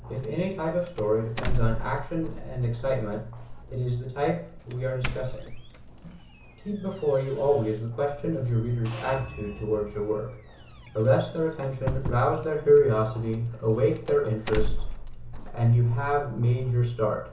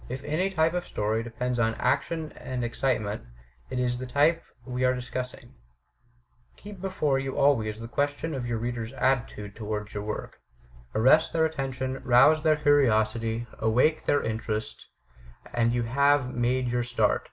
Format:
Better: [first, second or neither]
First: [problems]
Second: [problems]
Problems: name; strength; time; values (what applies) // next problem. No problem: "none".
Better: second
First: background sound (Doorbell); 7 dB below the speech // room echo; dies away in 0.6 s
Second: none